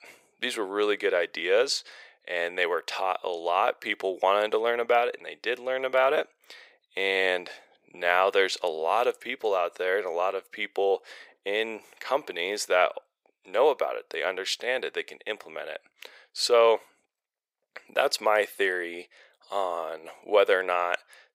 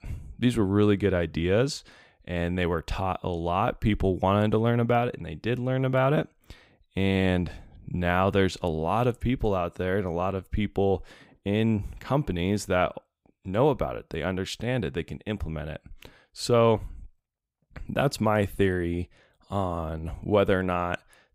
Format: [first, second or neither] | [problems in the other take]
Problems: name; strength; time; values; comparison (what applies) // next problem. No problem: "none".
second | thin; very; fading below 450 Hz